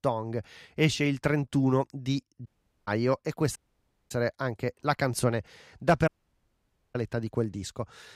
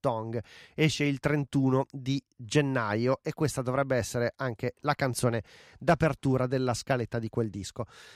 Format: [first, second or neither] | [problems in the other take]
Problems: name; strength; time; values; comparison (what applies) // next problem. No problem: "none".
second | audio cutting out; at 2.5 s, at 3.5 s for 0.5 s and at 6 s for 1 s